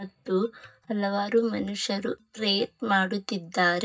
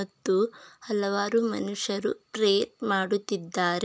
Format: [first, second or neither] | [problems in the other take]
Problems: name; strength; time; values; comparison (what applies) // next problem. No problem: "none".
second | noise reduction (neural mask model DeepFilterNet 3)